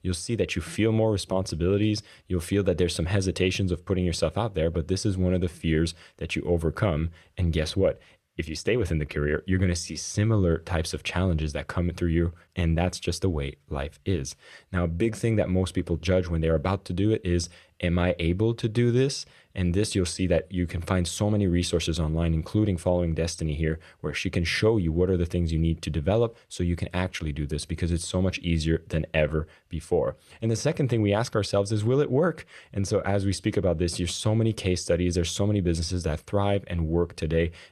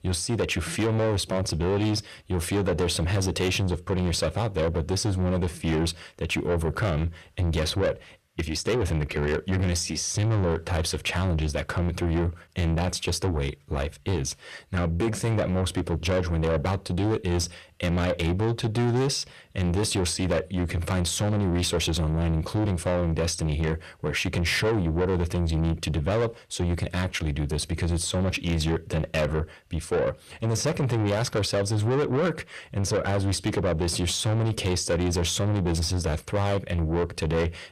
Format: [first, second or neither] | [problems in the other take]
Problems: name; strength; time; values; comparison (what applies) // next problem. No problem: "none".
first | distortion; heavy; 8 dB below the speech